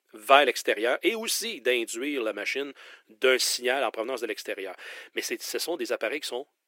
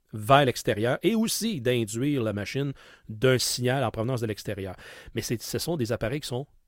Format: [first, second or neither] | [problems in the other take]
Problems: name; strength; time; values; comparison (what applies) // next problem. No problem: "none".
second | thin; somewhat; fading below 300 Hz